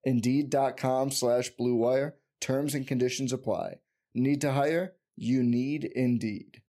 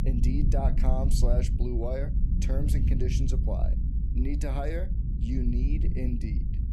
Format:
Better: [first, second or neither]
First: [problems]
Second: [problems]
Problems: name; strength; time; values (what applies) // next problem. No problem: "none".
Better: first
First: none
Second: low rumble; loud; throughout; 6 dB below the speech